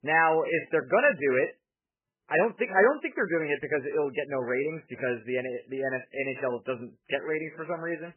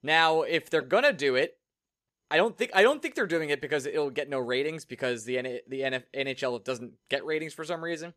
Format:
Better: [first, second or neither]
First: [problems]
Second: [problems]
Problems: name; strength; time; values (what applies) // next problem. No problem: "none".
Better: second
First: garbled, watery; badly; nothing above 2.5 kHz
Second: none